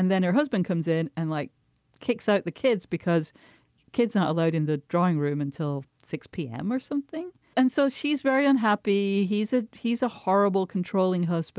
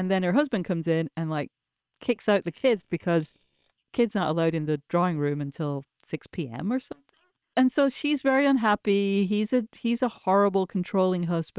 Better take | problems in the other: first | noise reduction (neural separator model SepFormer WHAM!)

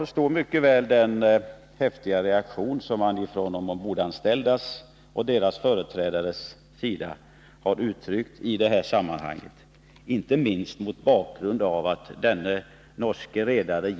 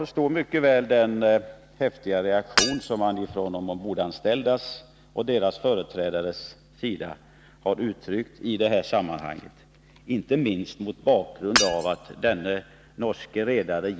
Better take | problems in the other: first | background sound (Shatter / Hammer); 3 dB below the speech

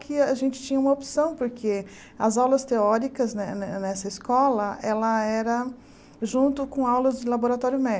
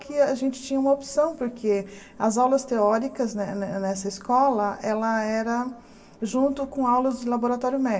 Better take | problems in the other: first | room echo; dies away in 1.9 s

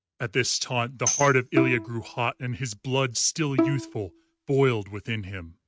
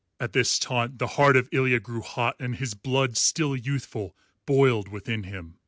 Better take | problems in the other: second | noise reduction (neural mask model RNNoise)

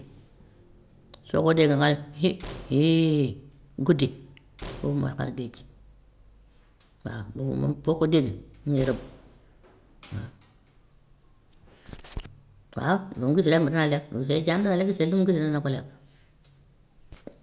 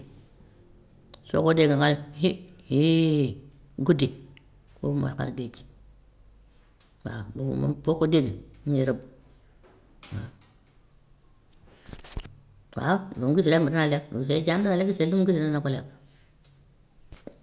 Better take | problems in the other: second | background sound (Slam); 18 dB below the speech

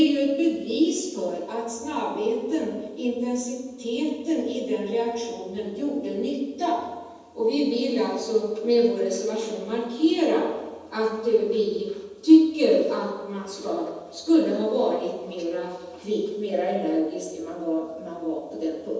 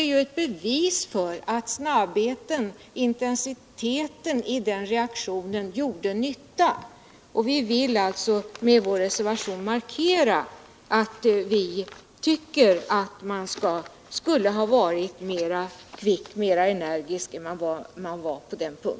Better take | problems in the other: second | room echo; dies away in 1.1 s

